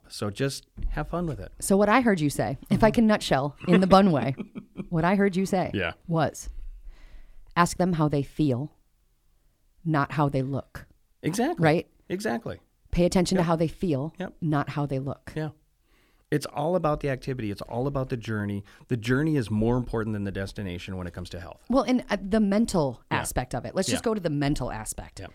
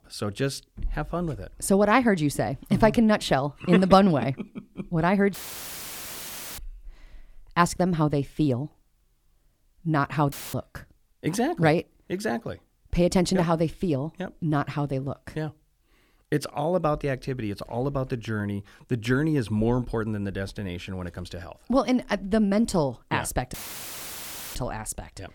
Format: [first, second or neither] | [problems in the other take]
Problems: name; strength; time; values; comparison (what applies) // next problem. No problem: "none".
first | audio cutting out; filled with static; at 5.5 s for 1 s, at 10 s and at 24 s for 1 s